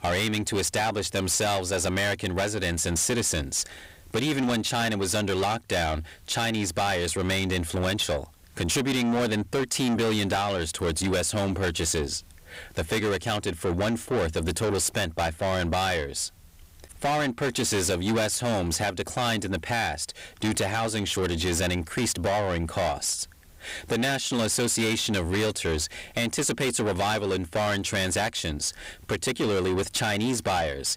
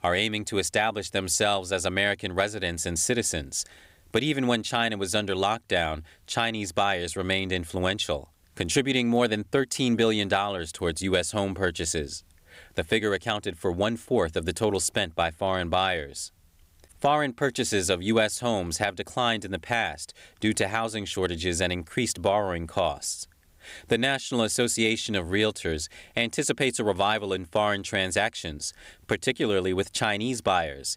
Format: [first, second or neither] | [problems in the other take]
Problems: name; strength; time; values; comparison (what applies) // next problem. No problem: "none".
second | distortion; heavy; 6 dB below the speech